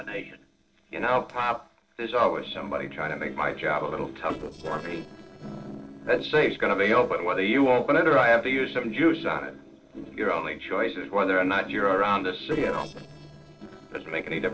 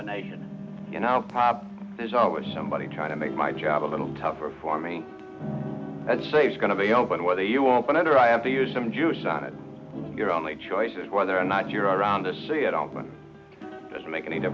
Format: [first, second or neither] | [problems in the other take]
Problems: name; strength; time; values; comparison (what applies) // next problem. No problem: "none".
second | noise reduction (neural separator model SepFormer DNS4)